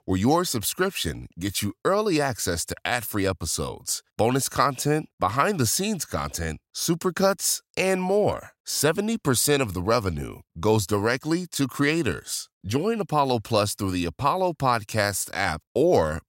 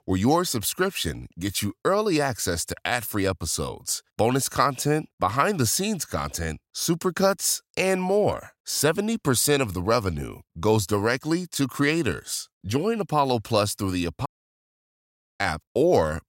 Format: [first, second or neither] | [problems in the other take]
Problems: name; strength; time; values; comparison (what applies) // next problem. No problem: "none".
first | audio cutting out; at 14 s for 1 s